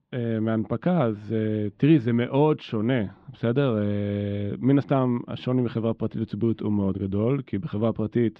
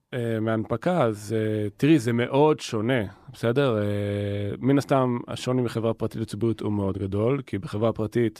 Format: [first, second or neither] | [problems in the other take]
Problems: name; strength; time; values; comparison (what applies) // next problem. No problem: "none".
second | muffled; slightly; fading above 3.5 kHz